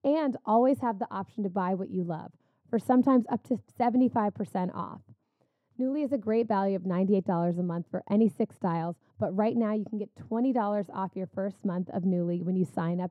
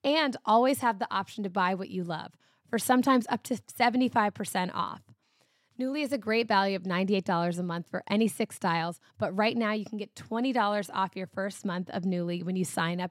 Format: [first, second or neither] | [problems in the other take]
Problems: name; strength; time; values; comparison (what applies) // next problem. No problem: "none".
second | muffled; very; fading above 1.5 kHz